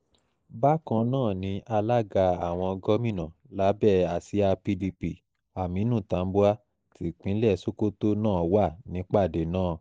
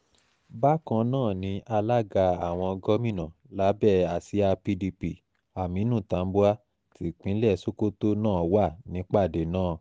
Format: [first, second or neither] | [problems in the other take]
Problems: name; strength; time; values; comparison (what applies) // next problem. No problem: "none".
second | noise reduction (neural mask model Resemble Enhance denoiser)